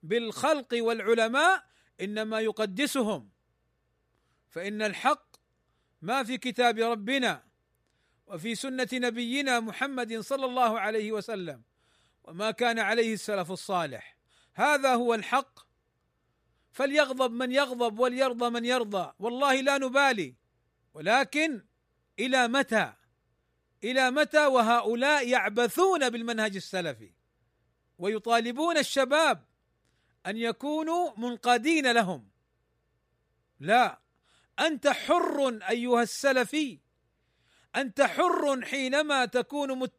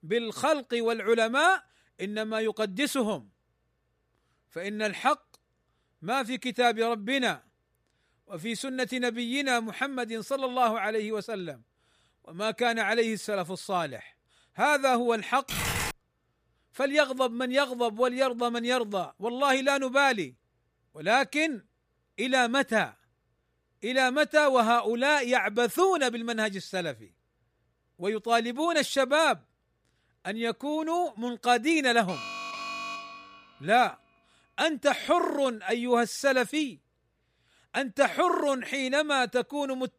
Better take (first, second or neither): first